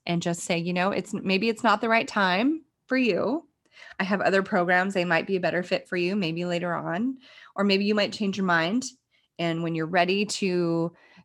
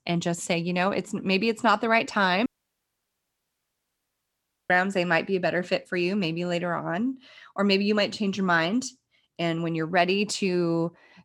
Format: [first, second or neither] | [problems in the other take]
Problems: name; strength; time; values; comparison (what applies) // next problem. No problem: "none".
first | audio cutting out; at 2.5 s for 2 s